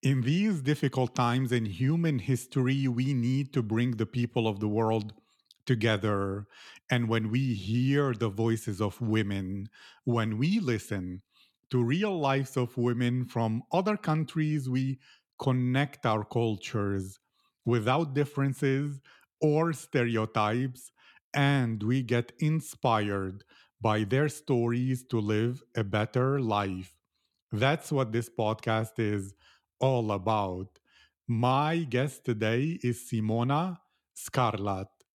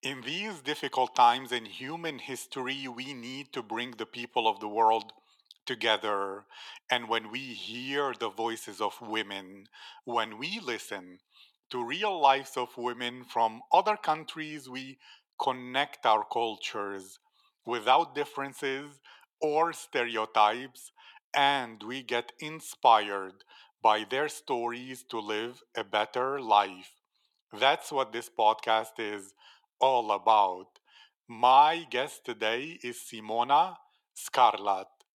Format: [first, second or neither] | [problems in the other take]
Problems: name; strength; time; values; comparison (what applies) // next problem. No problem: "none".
first | thin; very; fading below 550 Hz